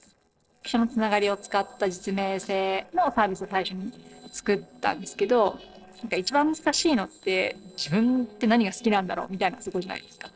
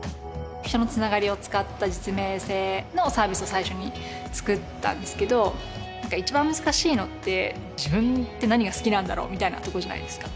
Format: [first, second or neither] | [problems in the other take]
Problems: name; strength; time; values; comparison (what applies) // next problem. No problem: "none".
second | noise reduction (neural separator model SepFormer DNS4)